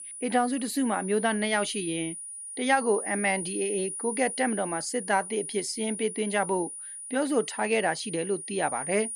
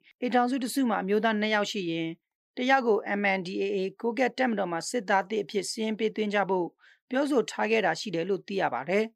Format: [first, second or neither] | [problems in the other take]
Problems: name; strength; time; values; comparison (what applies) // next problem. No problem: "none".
second | high-pitched whine; loud; throughout; 9.5 kHz, 7 dB below the speech